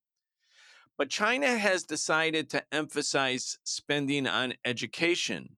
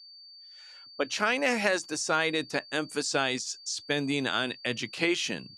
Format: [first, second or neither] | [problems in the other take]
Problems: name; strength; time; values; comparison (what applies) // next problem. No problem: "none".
first | high-pitched whine; noticeable; throughout; 4.5 kHz, 20 dB below the speech